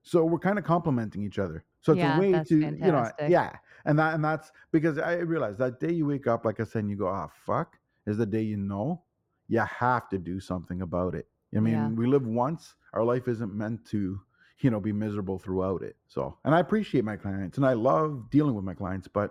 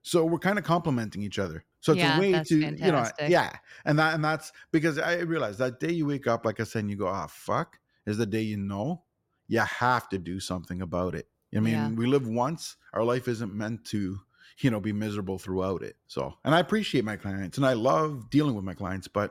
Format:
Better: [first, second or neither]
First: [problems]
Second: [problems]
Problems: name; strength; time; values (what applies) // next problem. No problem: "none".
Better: second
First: muffled; slightly; fading above 2 kHz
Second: none